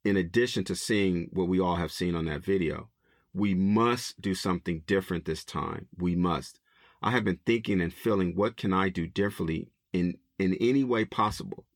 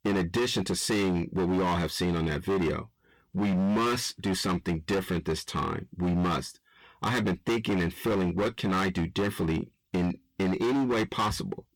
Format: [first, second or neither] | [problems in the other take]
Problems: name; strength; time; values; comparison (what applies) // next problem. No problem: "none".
first | distortion; heavy; 22% of the sound clipped